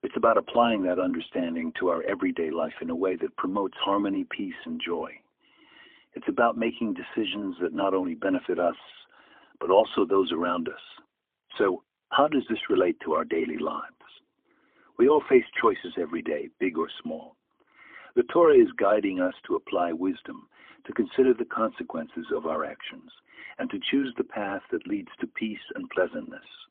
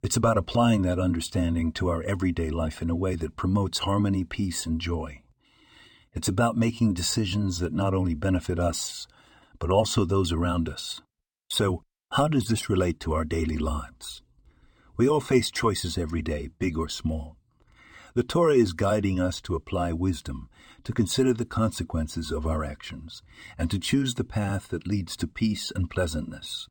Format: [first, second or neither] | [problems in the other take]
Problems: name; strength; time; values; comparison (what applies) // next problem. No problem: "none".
second | phone-call audio; poor line; nothing above 3.5 kHz